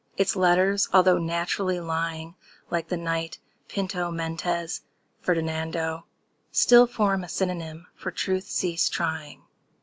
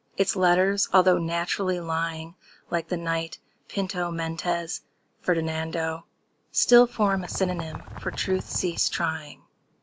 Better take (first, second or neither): first